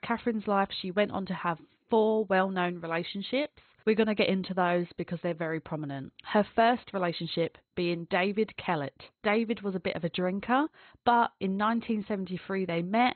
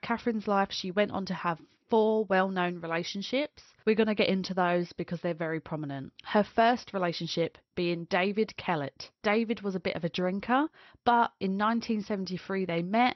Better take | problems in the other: second | garbled, watery; badly; nothing above 4 kHz; slightly in the second

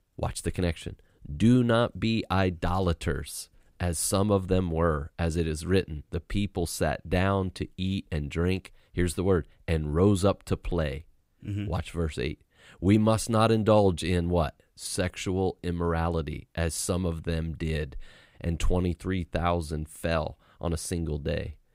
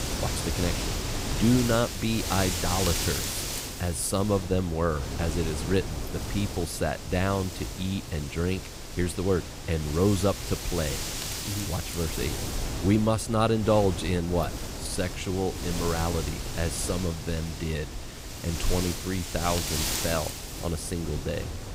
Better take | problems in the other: first | wind noise on the microphone; heavy; 4 dB below the speech

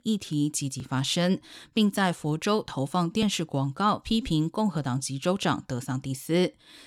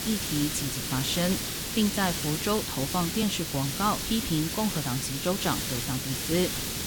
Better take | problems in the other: first | hiss; loud; throughout; 1 dB below the speech

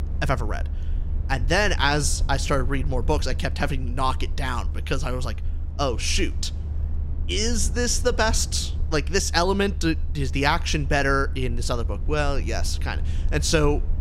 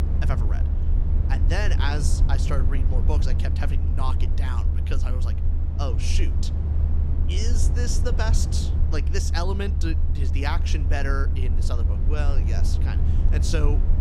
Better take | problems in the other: first | low rumble; loud; throughout; 7 dB below the speech; faint in the first

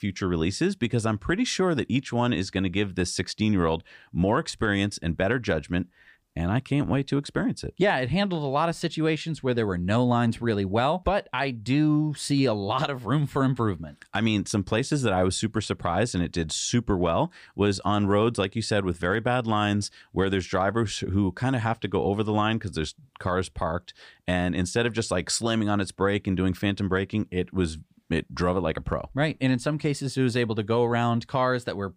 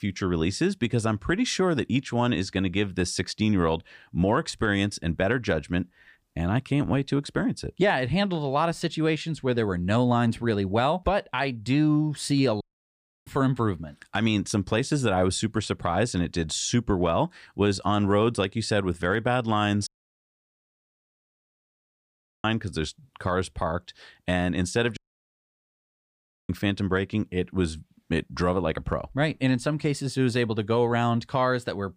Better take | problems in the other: first | audio cutting out; at 13 s for 0.5 s, at 20 s for 2.5 s and at 25 s for 1.5 s

